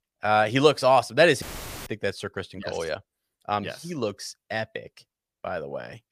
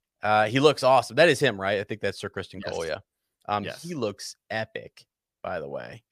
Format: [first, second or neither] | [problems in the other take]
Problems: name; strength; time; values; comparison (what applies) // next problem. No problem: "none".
second | audio cutting out; filled with static; at 1.5 s